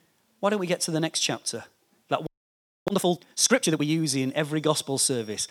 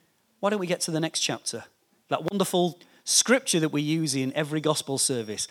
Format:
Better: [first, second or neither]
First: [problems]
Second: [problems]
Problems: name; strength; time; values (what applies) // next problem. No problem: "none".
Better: second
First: audio freezing; at 2.5 s for 0.5 s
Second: none